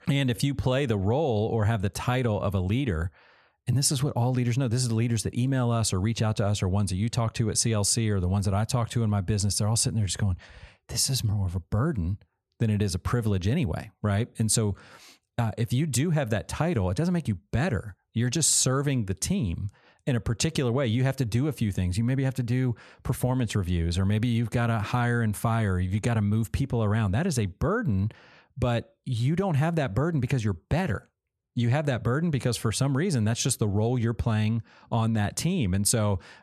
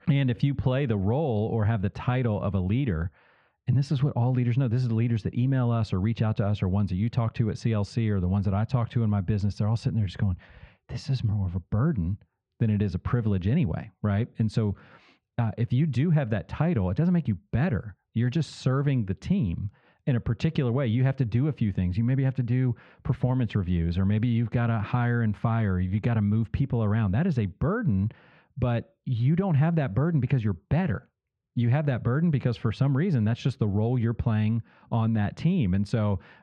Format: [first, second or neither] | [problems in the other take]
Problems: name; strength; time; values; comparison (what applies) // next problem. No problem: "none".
first | muffled; very; fading above 3 kHz